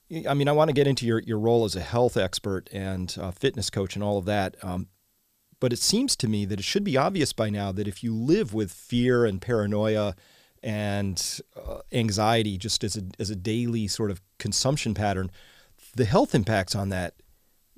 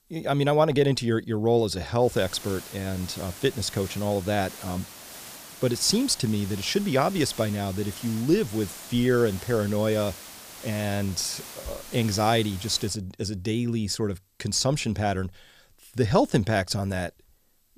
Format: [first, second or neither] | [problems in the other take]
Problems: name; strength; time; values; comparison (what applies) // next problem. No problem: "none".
first | hiss; noticeable; from 2 to 13 s; 15 dB below the speech